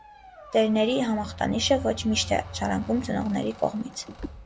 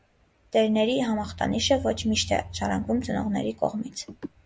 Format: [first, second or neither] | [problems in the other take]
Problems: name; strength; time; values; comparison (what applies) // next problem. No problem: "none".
second | background sound (Squeak); 20 dB below the speech